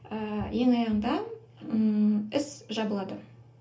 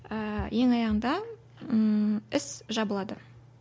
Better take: second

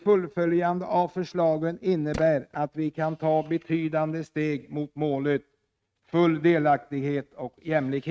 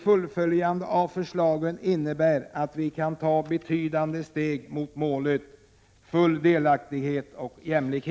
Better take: second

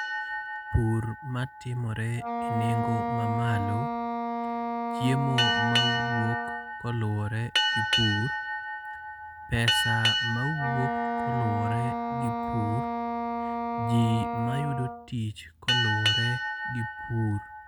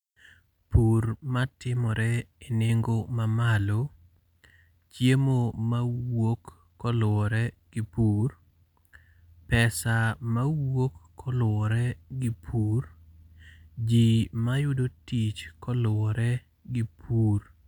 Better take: second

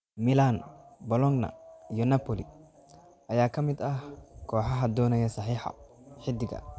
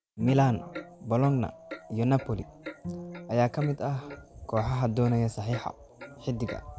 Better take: first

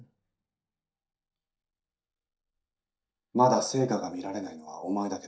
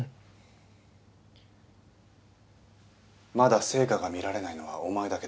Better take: second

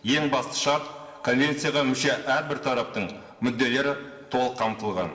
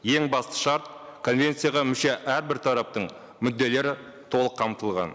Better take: second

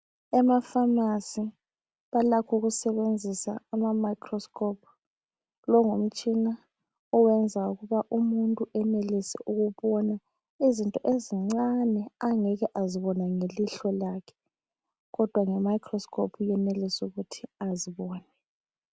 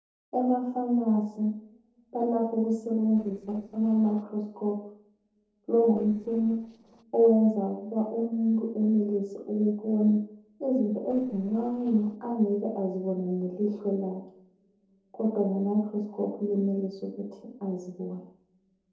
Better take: first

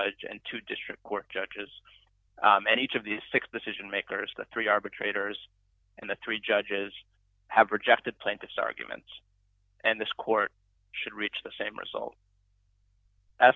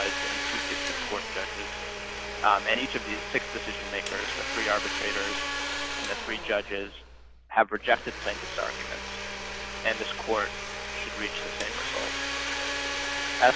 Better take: first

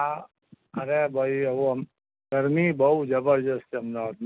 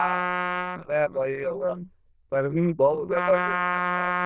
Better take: first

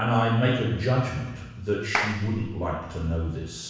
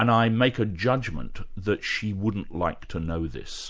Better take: second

